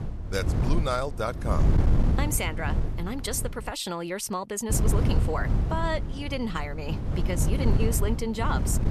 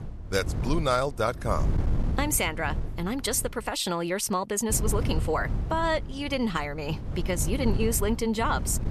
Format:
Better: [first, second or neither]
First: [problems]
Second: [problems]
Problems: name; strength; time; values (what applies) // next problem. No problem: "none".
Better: second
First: wind noise on the microphone; heavy; until 3.5 s and from 4.5 s on; 7 dB below the speech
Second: wind noise on the microphone; occasional gusts; until 3.5 s and from 4.5 s on; 15 dB below the speech